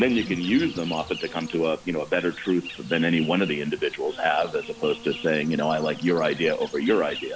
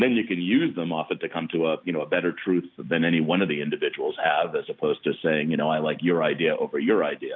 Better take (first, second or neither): second